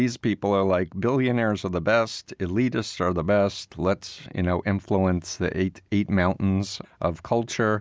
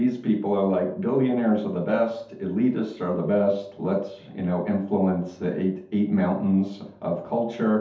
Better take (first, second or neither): first